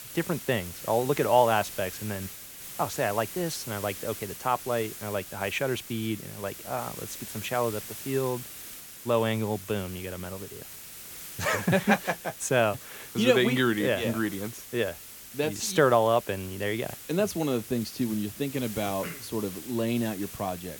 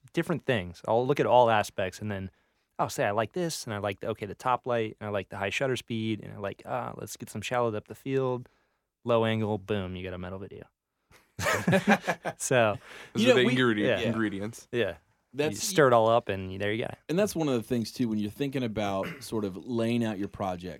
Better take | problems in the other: second | hiss; noticeable; throughout; 10 dB below the speech

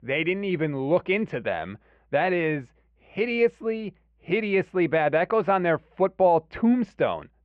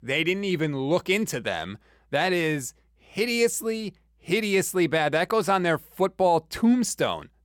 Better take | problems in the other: second | muffled; very; fading above 2.5 kHz

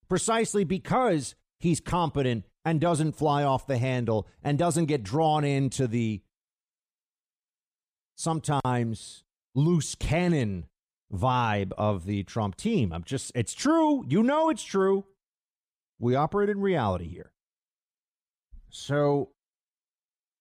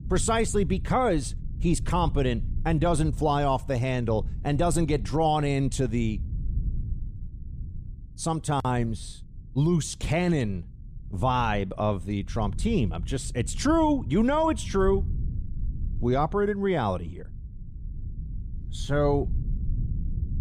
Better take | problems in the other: first | low rumble; faint; throughout; 25 dB below the speech

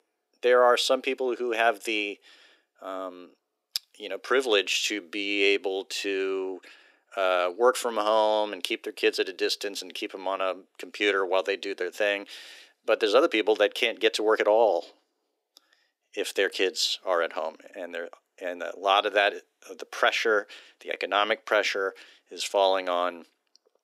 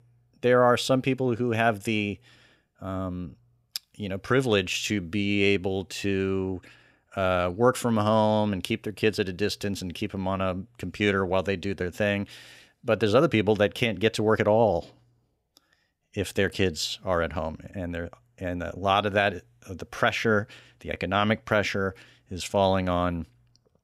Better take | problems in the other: second | thin; very; fading below 300 Hz

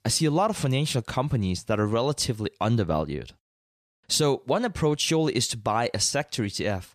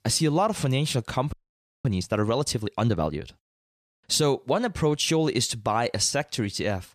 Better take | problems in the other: first | audio freezing; at 1.5 s for 0.5 s

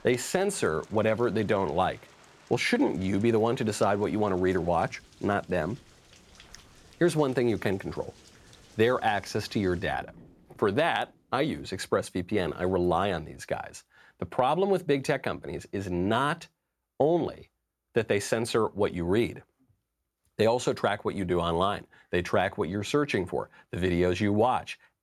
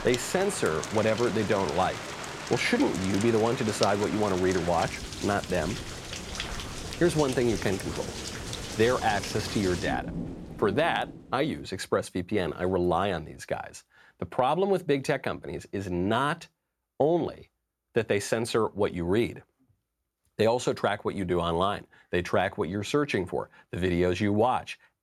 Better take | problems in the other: first | rain or running water; loud; until 11 s; 8 dB below the speech; faint in the first

